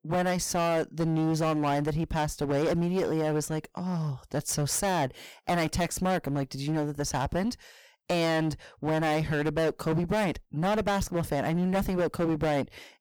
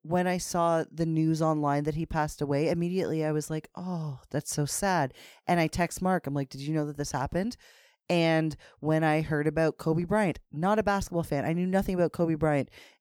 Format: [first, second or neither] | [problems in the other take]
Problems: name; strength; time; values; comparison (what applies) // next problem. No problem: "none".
second | distortion; heavy; 18% of the sound clipped